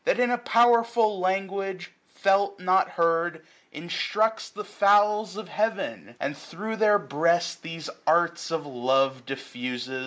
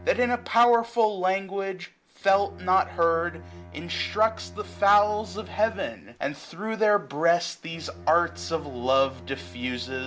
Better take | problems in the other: first | background sound (Bowed string instrument); 19 dB below the speech

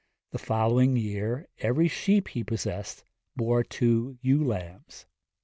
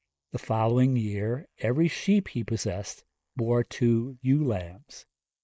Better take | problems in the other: first | noise reduction (neural mask model Resemble Enhance denoiser)

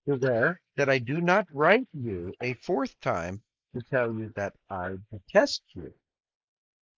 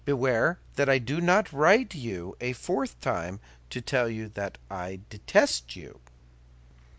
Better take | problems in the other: second | noise reduction (neural mask model Resemble Enhance denoiser)

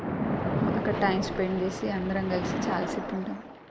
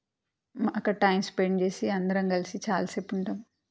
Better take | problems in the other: second | background sound (Splash, splatter); as loud as the speech

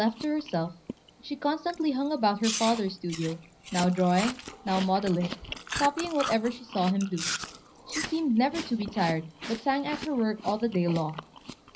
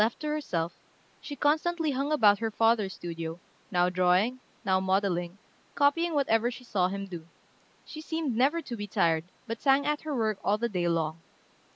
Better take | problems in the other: second | background sound (Chewing, mastication); 10 dB below the speech // room echo; dies away in 0.5 s

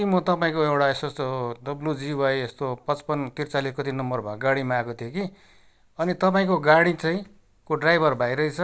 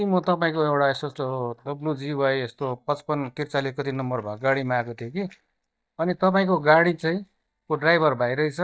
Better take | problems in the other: first | noise reduction (neural mask model DeepFilterNet 3)

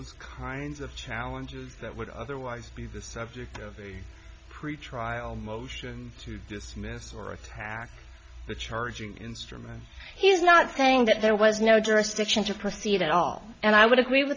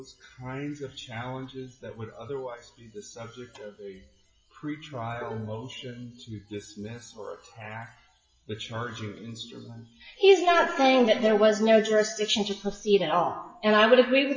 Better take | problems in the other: first | noise reduction (classical method WPE with log-MMSE)

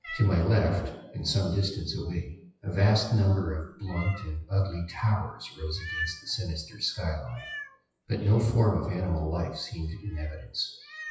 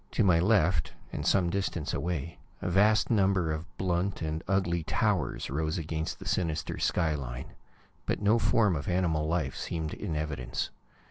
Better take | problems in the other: second | noise reduction (classical method WPE with log-MMSE)

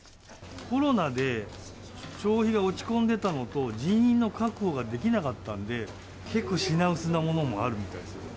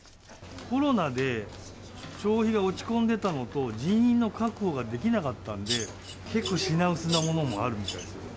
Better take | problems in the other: first | background sound (Bird vocalization, bird call, bird song); 9 dB below the speech

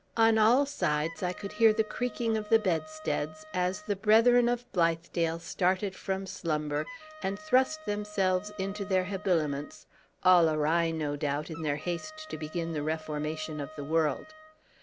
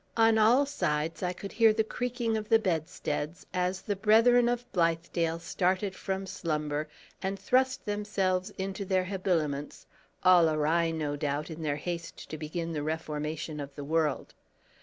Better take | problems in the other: second | background sound (Wind instrument, woodwind instrument); 18 dB below the speech

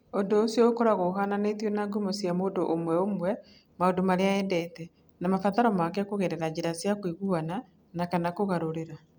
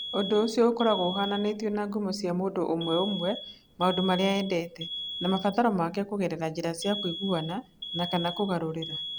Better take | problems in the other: first | background sound (Alarm); 11 dB below the speech

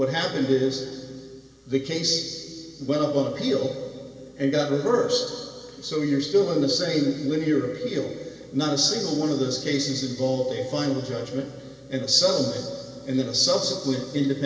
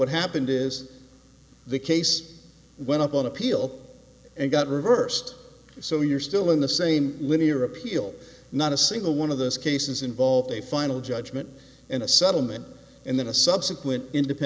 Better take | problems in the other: second | room echo; dies away in 2.3 s

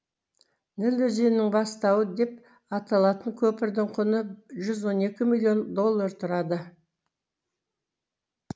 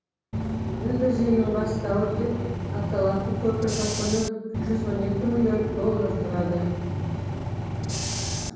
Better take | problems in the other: first | background sound (Bus / Engine); 1 dB below the speech // room echo; dies away in 1.1 s

